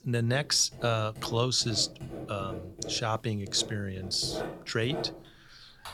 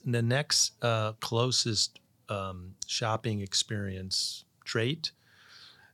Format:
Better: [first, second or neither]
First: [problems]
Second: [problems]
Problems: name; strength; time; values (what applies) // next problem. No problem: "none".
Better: second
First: household noises; noticeable; throughout; 15 dB below the speech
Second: none